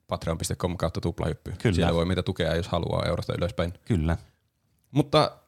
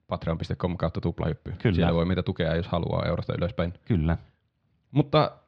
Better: first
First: none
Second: muffled; very slightly; fading above 3.5 kHz

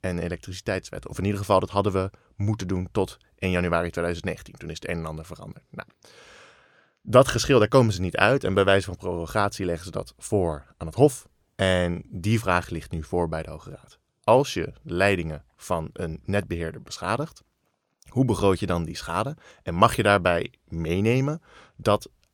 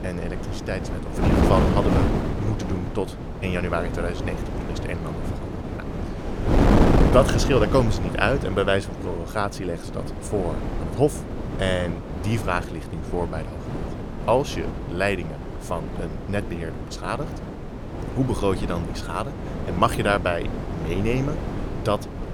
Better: first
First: none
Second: wind noise on the microphone; heavy; 5 dB below the speech

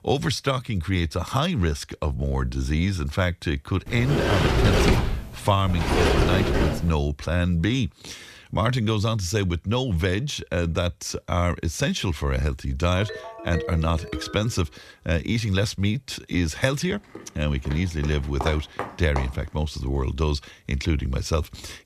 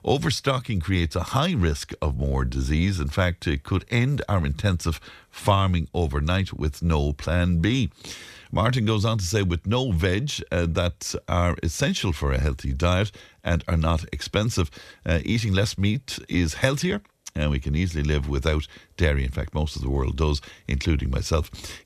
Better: second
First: door banging; loud; from 4 to 7 s; peak 5 dB above the speech // phone ringing; noticeable; from 13 to 15 s; peak 8 dB below the speech // footsteps; noticeable; from 17 to 19 s; peak 7 dB below the speech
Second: none

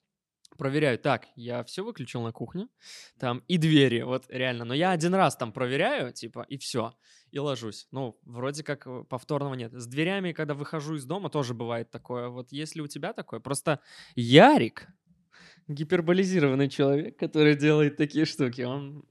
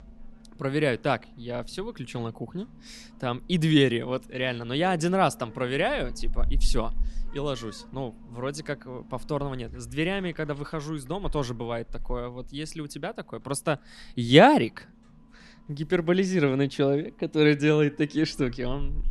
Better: first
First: none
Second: animal sounds; noticeable; throughout; 15 dB below the speech

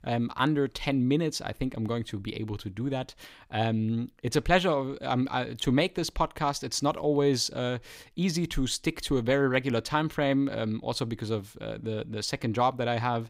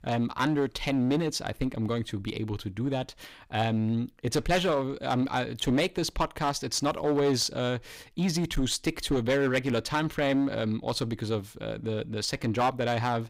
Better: first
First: none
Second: distortion; slight; 7% of the sound clipped

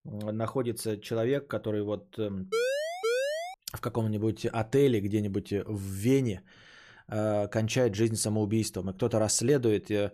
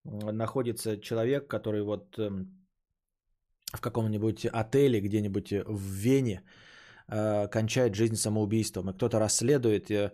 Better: second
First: siren; loud; from 2.5 to 3.5 s; peak level with the speech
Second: none

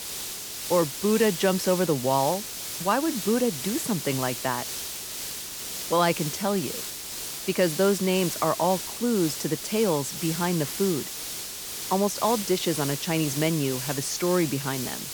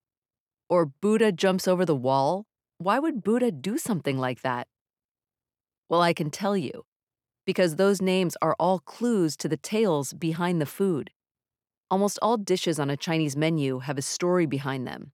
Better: second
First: hiss; loud; throughout; 5 dB below the speech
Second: none

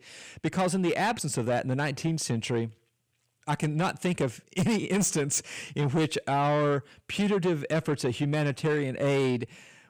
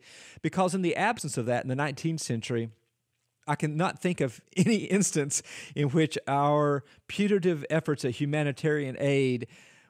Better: second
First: distortion; slight; 10 dB below the speech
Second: none

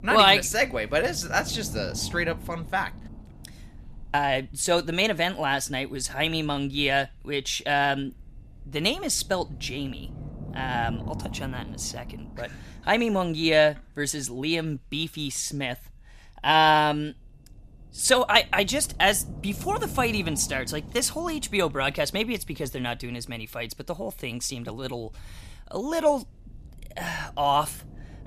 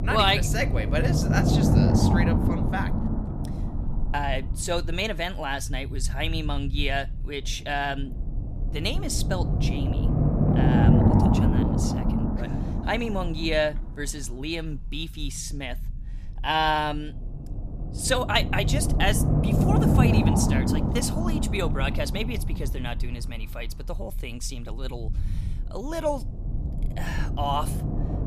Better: first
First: low rumble; faint; throughout; 25 dB below the speech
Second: low rumble; loud; throughout; 3 dB below the speech

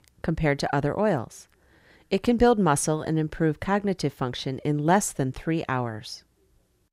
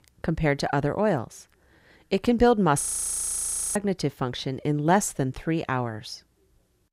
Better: first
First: none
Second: audio freezing; at 3 s for 1 s

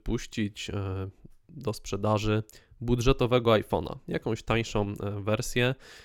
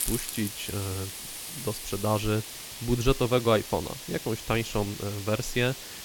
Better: first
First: none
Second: hiss; loud; throughout; 8 dB below the speech

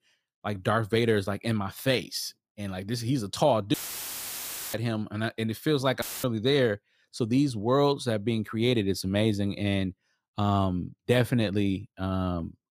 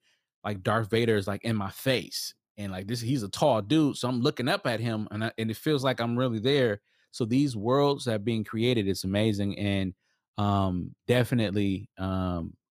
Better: second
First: audio cutting out; filled with static; at 3.5 s for 1 s and at 6 s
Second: none

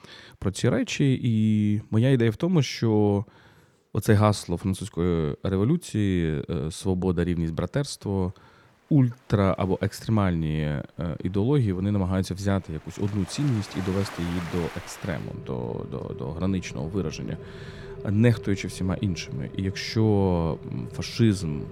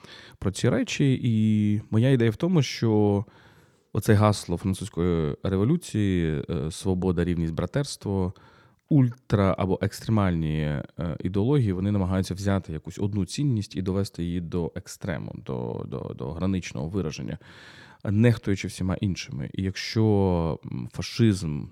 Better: second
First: rain or running water; noticeable; throughout; 15 dB below the speech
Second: none

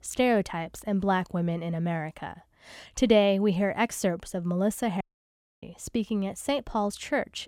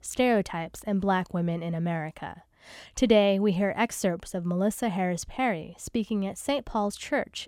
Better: second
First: audio cutting out; at 5 s for 0.5 s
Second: none

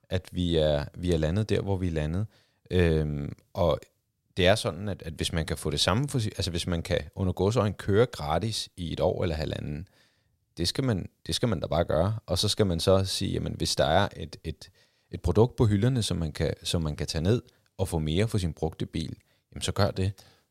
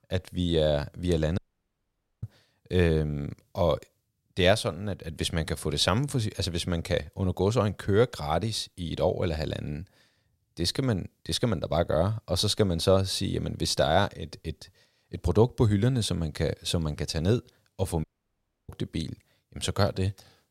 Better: first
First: none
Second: audio cutting out; at 1.5 s for 1 s and at 18 s for 0.5 s

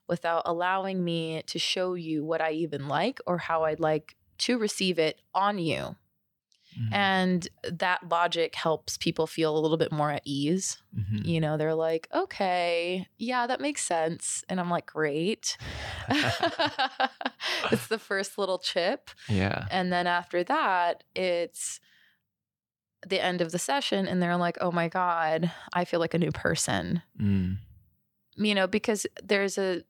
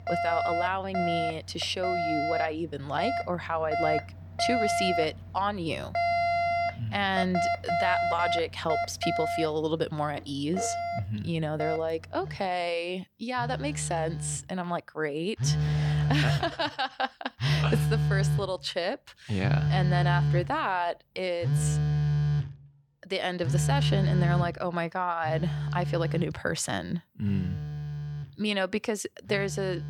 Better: first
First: none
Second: alarms or sirens; very loud; throughout; 1 dB above the speech

